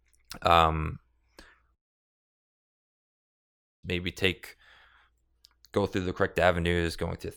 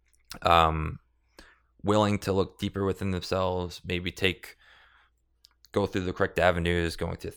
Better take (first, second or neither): second